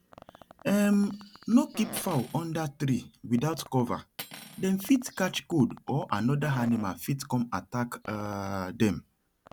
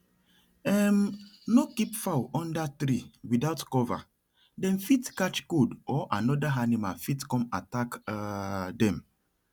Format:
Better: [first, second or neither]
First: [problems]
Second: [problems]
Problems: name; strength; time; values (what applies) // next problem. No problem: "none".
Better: second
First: background sound (Fart + Cutlery, silverware); 20 dB below the speech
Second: none